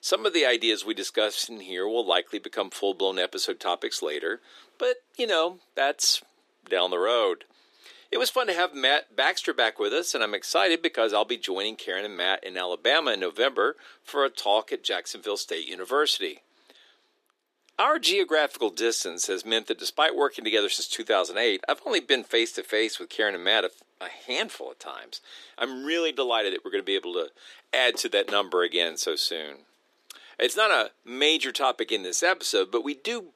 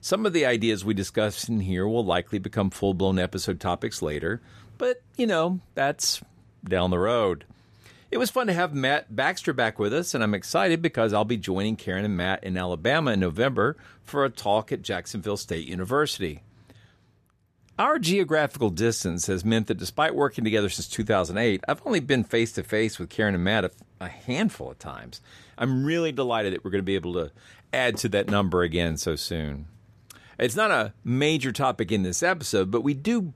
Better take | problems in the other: second | thin; very; fading below 300 Hz

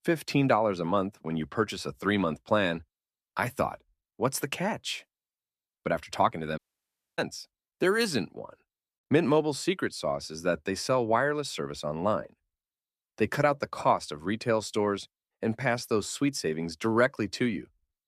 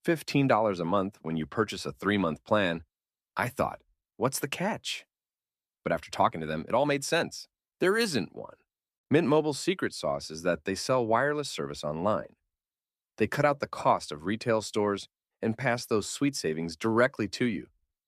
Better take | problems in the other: second | audio cutting out; at 6.5 s for 0.5 s

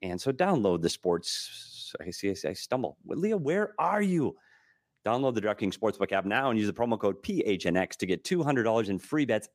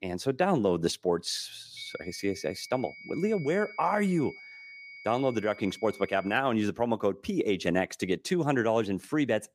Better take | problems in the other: first | high-pitched whine; noticeable; from 2 to 6.5 s; 2 kHz, 15 dB below the speech

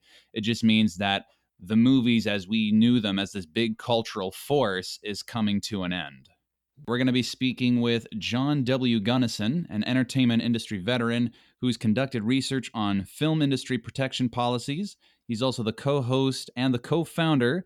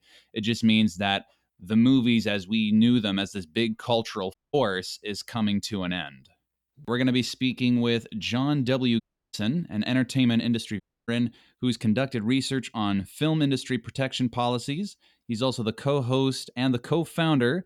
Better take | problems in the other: first | audio cutting out; at 4.5 s, at 9 s and at 11 s

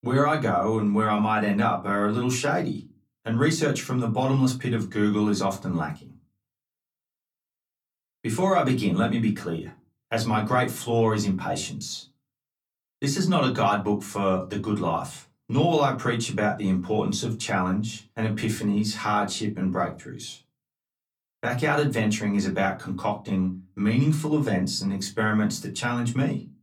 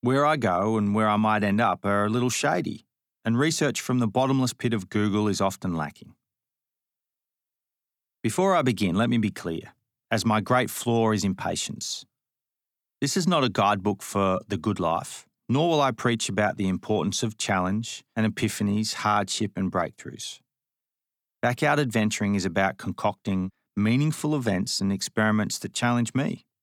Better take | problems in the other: second | off-mic speech; somewhat distant // room echo; very slight; dies away in 0.2 s

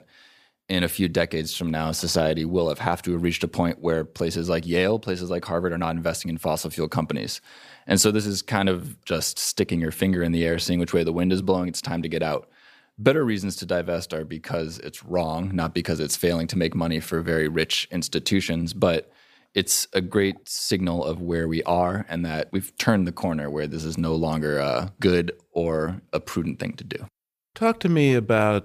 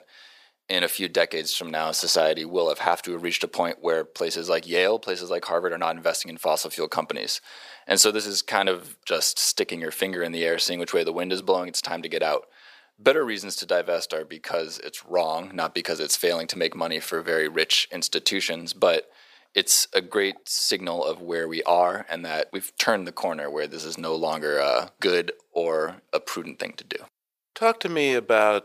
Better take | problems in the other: first | thin; very; fading below 550 Hz

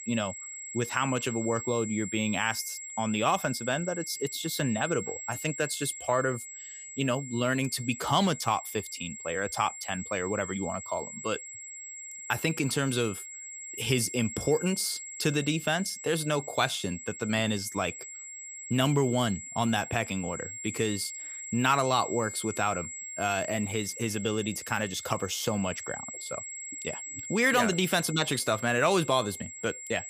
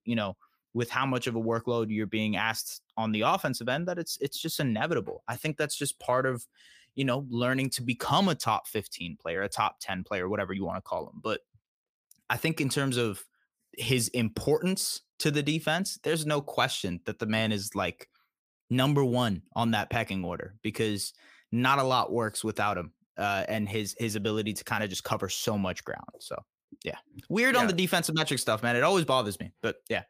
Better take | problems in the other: second | high-pitched whine; loud; throughout; 7.5 kHz, 9 dB below the speech

